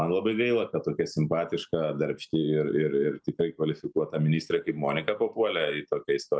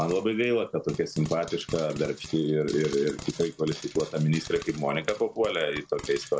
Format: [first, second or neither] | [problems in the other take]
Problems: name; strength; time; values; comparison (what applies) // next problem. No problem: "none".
first | background sound (Frying (food)); 16 dB below the speech